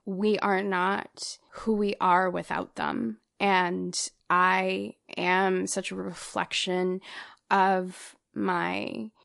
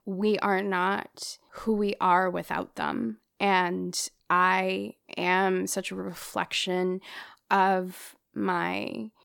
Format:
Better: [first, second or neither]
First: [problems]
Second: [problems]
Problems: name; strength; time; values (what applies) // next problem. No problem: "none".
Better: second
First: garbled, watery; slightly; nothing above 11 kHz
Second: none